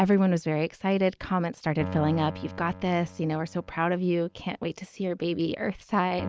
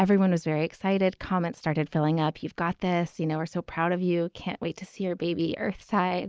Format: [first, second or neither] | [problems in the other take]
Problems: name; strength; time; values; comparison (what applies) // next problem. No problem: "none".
second | background sound (Keyboard (musical)); 16 dB below the speech